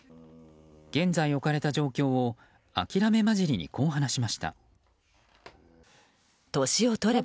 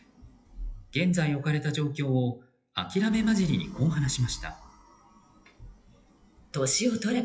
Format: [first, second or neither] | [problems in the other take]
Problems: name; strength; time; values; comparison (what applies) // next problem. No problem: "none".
first | noise reduction (classical method WPE with log-MMSE)